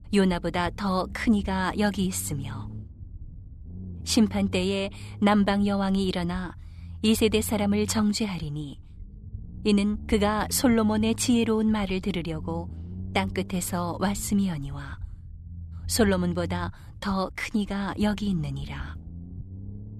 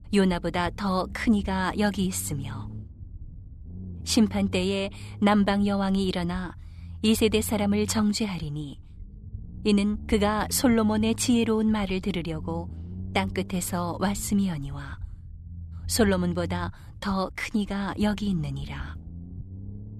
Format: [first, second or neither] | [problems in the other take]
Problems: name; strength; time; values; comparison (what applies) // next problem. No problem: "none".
neither | low rumble; faint; throughout; 25 dB below the speech; the same in both